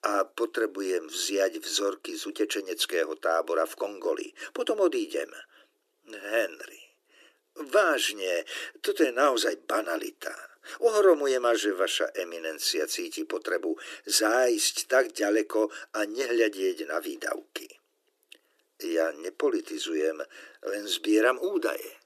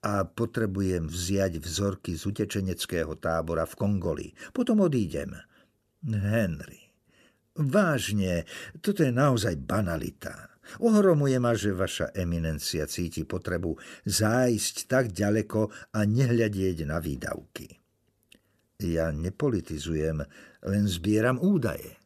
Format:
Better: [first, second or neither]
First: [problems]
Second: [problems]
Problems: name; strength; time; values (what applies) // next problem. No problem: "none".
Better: second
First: thin; very; fading below 300 Hz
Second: none